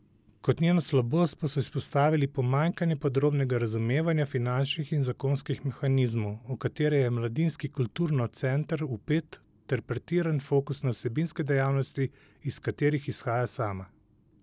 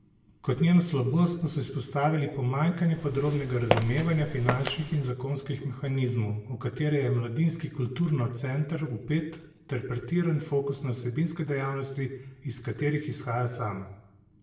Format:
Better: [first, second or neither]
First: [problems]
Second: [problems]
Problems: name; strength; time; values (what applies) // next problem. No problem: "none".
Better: first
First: none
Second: background sound (Walk, footsteps); 4 dB below the speech // room echo; dies away in 0.7 s